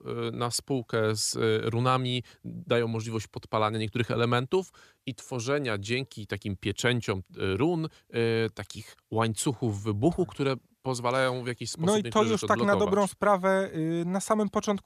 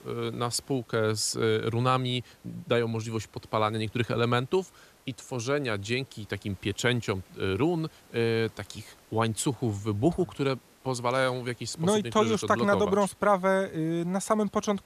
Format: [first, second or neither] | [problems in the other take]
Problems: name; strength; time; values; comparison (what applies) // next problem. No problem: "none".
first | hiss; faint; throughout; 30 dB below the speech